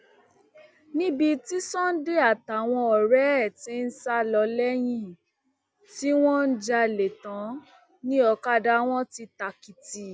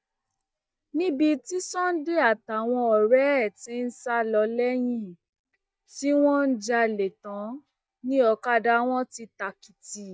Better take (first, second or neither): first